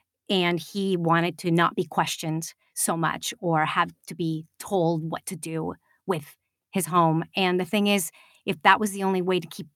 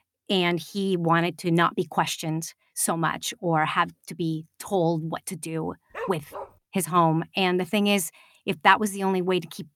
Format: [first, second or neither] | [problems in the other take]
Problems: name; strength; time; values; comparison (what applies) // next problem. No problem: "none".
first | dog barking; faint; at 6 s; peak 10 dB below the speech